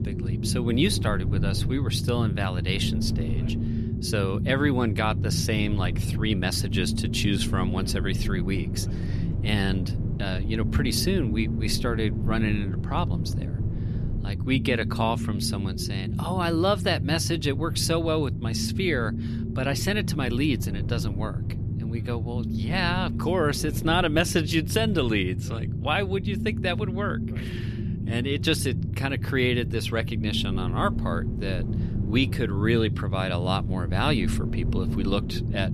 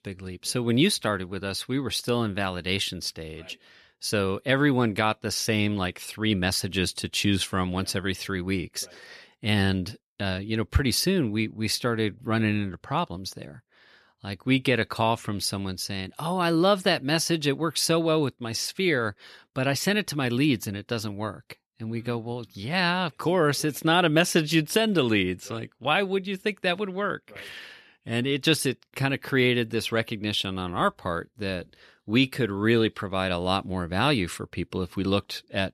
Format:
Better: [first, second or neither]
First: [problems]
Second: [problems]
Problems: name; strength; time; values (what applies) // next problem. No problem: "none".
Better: second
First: low rumble; noticeable; throughout; 10 dB below the speech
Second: none